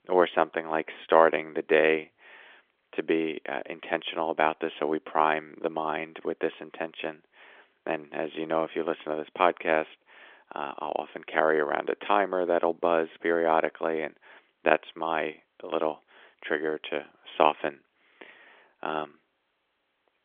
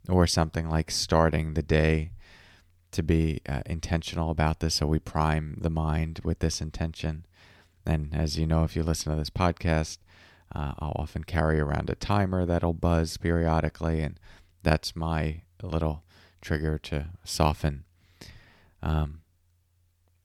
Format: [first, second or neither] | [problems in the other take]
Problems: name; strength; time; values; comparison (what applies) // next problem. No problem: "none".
second | phone-call audio; nothing above 3.5 kHz